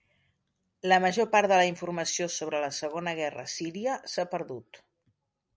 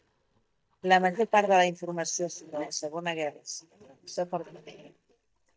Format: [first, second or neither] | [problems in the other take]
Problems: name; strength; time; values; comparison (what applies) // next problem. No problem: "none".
first | noise reduction (neural mask model DeepFilterNet 3)